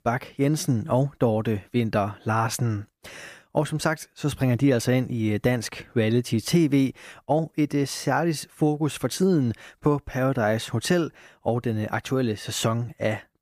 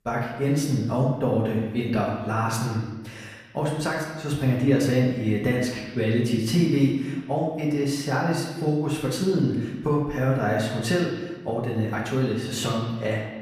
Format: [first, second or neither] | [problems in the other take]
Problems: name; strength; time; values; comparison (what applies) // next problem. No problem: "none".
first | room echo; noticeable; dies away in 1.1 s // off-mic speech; far